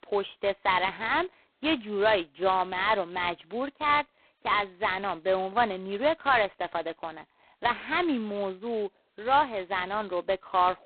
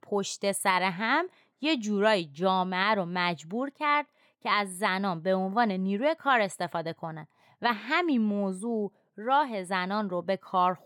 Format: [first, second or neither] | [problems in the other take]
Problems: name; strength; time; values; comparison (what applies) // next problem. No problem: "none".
second | phone-call audio; poor line; nothing above 4 kHz